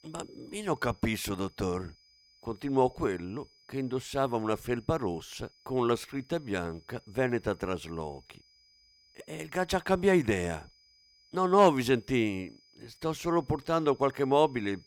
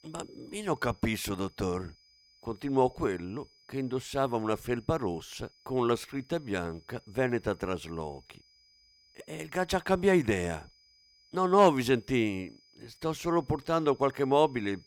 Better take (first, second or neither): neither